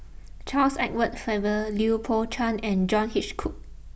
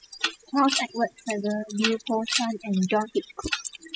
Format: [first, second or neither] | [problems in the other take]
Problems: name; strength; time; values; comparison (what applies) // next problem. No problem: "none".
first | noise reduction (classical method spectral subtraction)